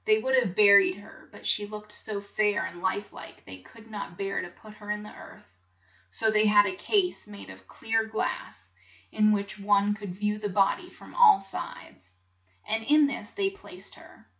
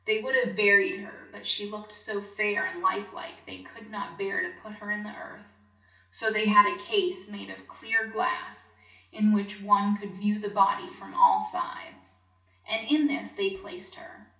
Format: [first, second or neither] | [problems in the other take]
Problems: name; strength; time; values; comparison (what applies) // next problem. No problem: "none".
first | room echo; dies away in 0.8 s